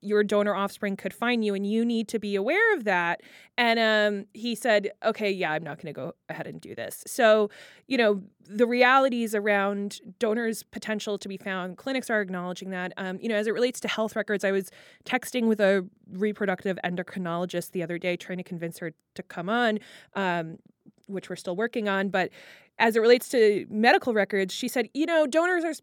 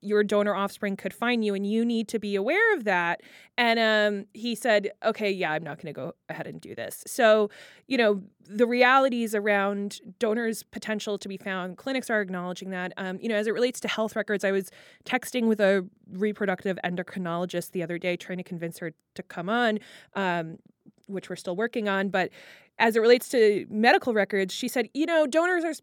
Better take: neither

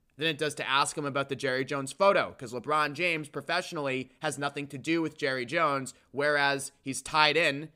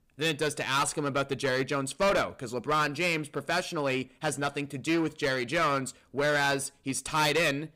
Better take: first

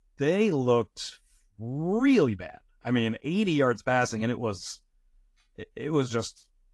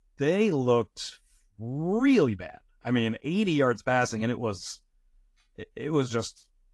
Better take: neither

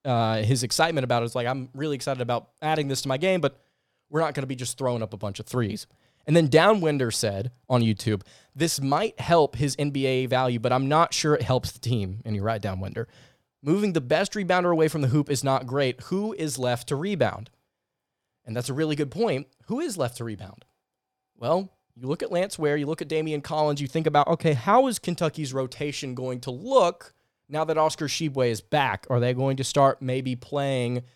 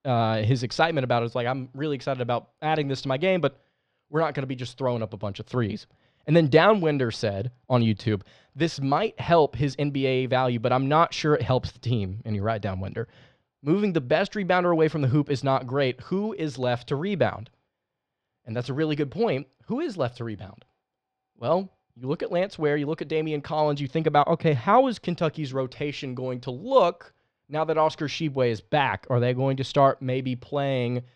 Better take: first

